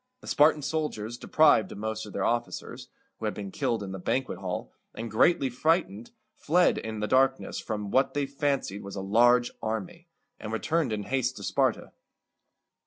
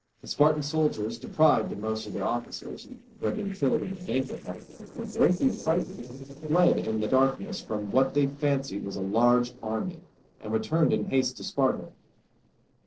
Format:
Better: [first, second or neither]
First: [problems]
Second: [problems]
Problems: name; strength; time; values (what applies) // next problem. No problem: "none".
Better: first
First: none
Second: noise reduction (neural separator model SepFormer DNS4)